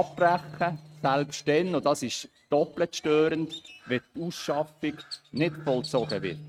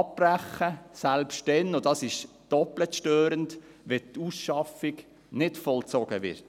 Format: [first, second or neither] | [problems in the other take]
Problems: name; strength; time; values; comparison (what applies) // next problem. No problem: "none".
second | noise reduction (neural mask model RNNoise)